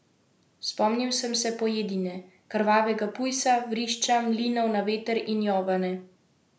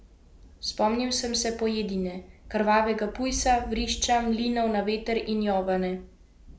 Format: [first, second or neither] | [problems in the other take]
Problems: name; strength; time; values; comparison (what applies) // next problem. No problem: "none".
first | background sound (Thunder); 16 dB below the speech